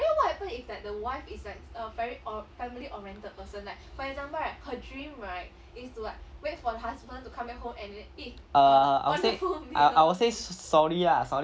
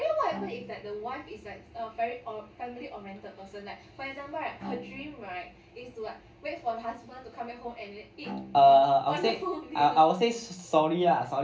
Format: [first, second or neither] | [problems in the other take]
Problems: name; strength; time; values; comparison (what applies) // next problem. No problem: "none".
first | background sound (Bowed string instrument); 19 dB below the speech // room echo; dies away in 0.3 s